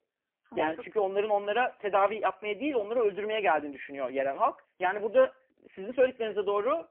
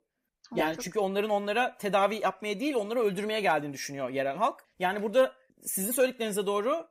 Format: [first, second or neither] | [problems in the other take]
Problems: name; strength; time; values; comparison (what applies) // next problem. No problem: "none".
second | phone-call audio; poor line; nothing above 3 kHz